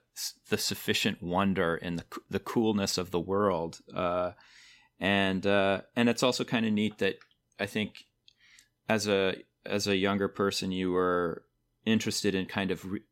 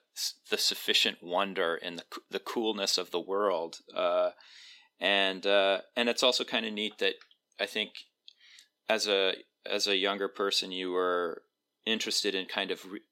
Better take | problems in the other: first | thin; somewhat; fading below 300 Hz

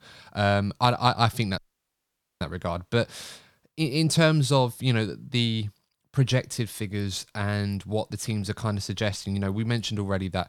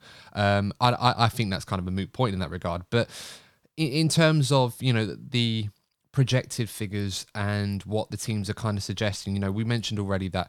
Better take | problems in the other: second | audio cutting out; at 1.5 s for 1 s

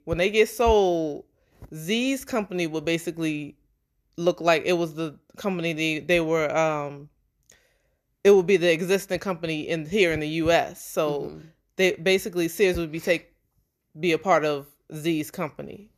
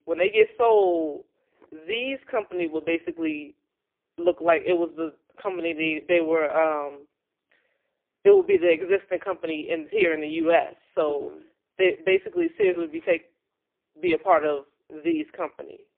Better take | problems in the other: first | phone-call audio; poor line

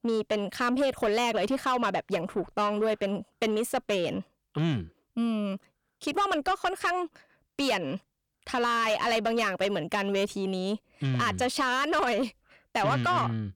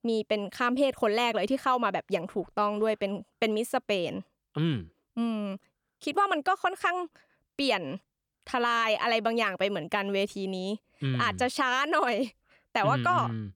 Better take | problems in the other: second | distortion; slight; 10 dB below the speech

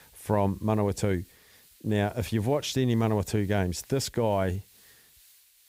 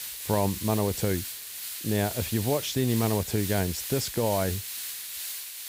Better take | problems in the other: first | hiss; loud; throughout; 5 dB below the speech; faint in the first

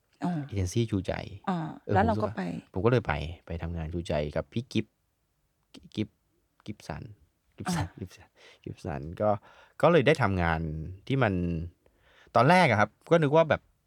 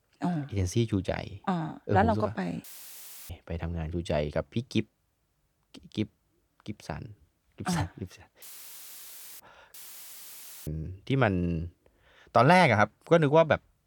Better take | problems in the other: first | audio cutting out; filled with static; at 2.5 s for 0.5 s, at 8.5 s for 1 s and at 9.5 s for 1 s

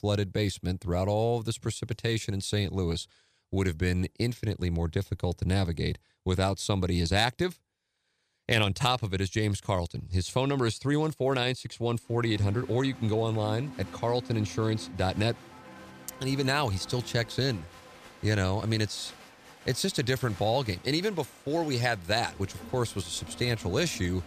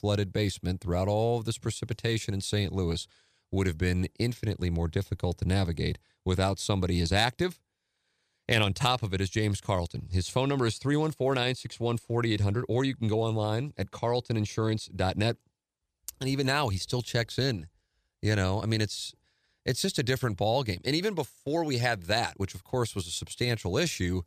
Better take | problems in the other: second | crowd noise; noticeable; from 12 s on; 20 dB below the speech

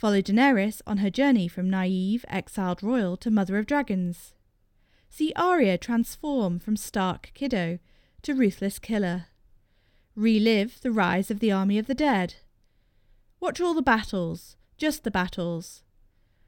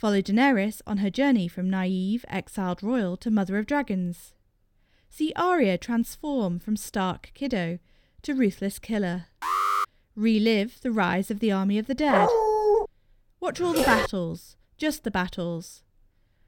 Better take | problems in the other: first | alarm; loud; at 9.5 s; peak 2 dB above the speech // dog barking; loud; at 12 s; peak 5 dB above the speech // phone ringing; loud; at 14 s; peak 2 dB above the speech

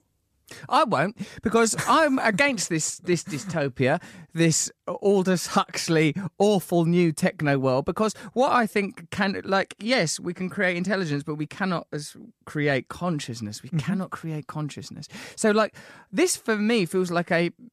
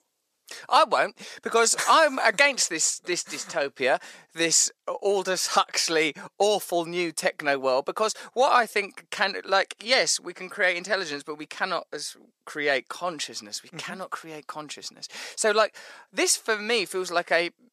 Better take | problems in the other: first | thin; very; fading below 550 Hz

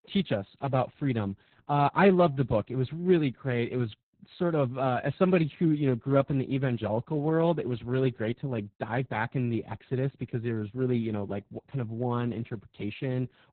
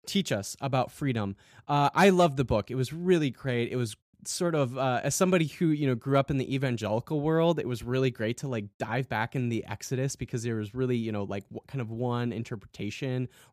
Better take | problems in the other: second | garbled, watery; badly; nothing above 4 kHz

